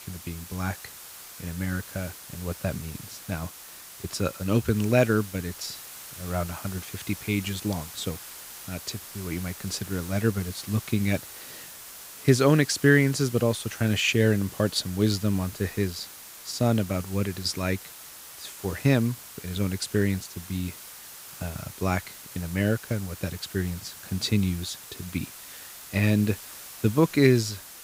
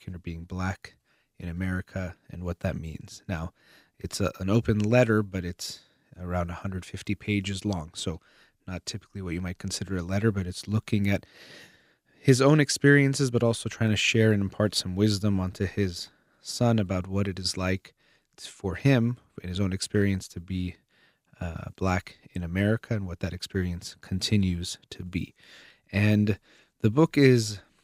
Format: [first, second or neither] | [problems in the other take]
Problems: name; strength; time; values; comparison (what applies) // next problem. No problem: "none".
second | hiss; noticeable; throughout; 15 dB below the speech